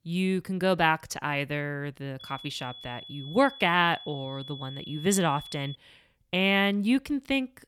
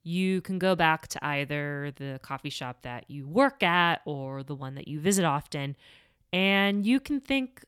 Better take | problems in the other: second | high-pitched whine; noticeable; from 2 to 6 s; 3.5 kHz, 15 dB below the speech

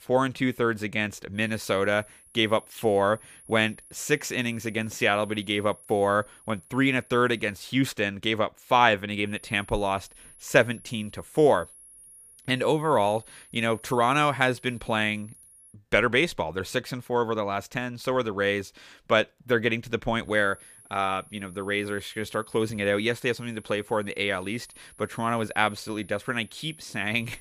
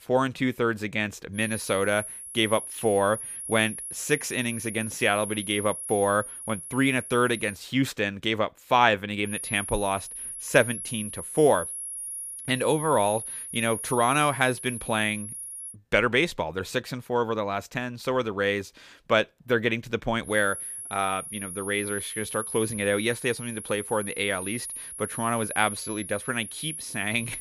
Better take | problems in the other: first | high-pitched whine; loud; from 1.5 to 7.5 s, from 9.5 to 16 s and from 20 s on; 10.5 kHz, 8 dB below the speech; faint in the first

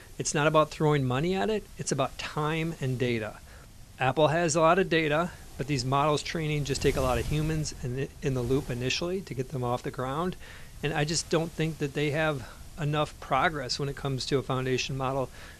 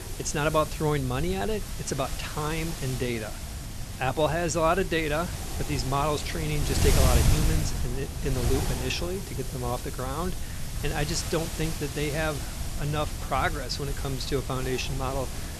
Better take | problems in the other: first | wind noise on the microphone; heavy; 7 dB below the speech; occasional gusts in the first

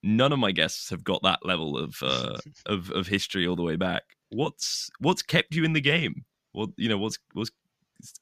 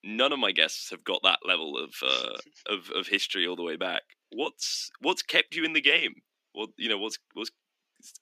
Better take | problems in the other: first | thin; somewhat; fading below 300 Hz

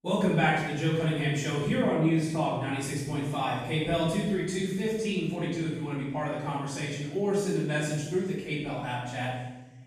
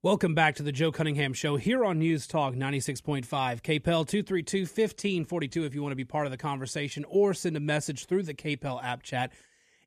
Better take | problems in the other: second | room echo; strong; dies away in 0.9 s // off-mic speech; far

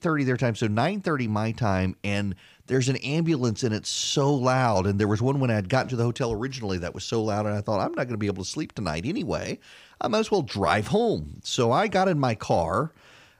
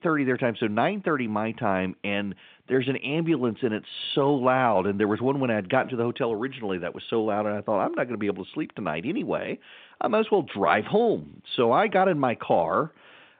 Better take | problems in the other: first | phone-call audio; nothing above 3.5 kHz

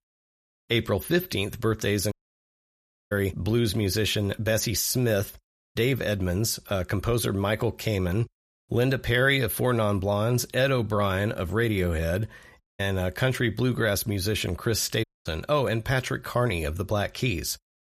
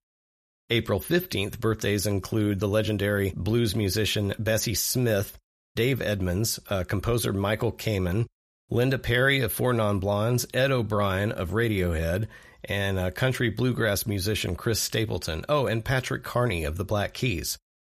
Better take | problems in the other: second | audio cutting out; at 2 s for 1 s, at 13 s and at 15 s

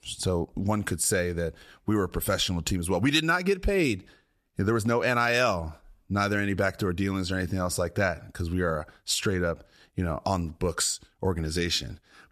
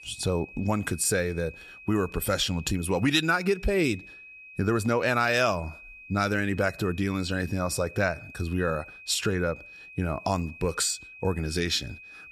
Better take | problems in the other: first | high-pitched whine; noticeable; throughout; 2.5 kHz, 15 dB below the speech

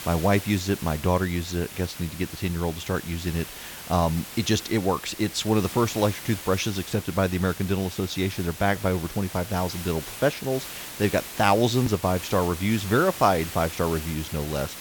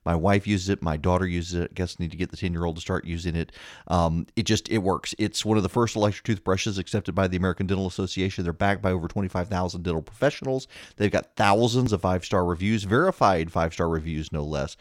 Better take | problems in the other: second | hiss; noticeable; throughout; 10 dB below the speech

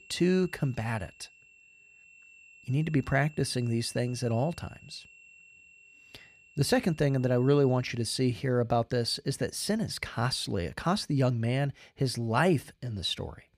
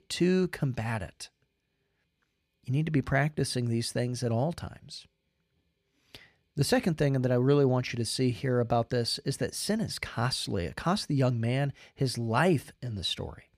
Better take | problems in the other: second | high-pitched whine; faint; until 8 s; 2.5 kHz, 25 dB below the speech

